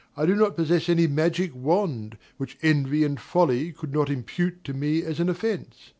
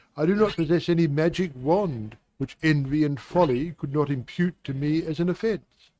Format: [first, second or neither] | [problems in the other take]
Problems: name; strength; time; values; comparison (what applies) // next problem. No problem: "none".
first | noise reduction (neural mask model RNNoise)